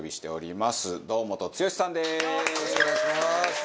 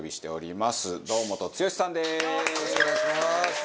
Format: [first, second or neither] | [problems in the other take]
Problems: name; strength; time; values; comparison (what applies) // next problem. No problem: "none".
first | background sound (Hiss); 16 dB below the speech